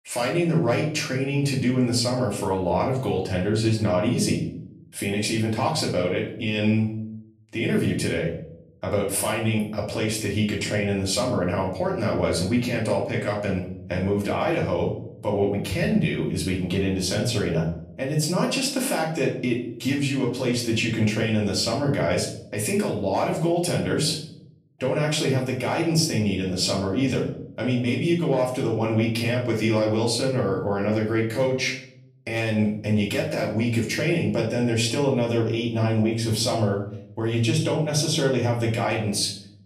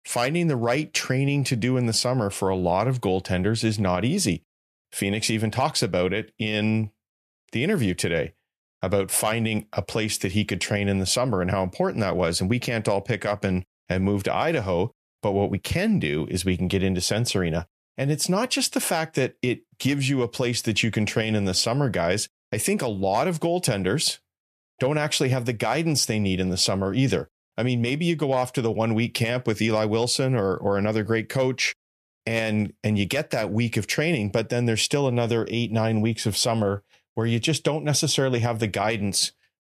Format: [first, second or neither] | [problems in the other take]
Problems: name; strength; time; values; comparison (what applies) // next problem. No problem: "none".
second | off-mic speech; far // room echo; slight; dies away in 0.5 s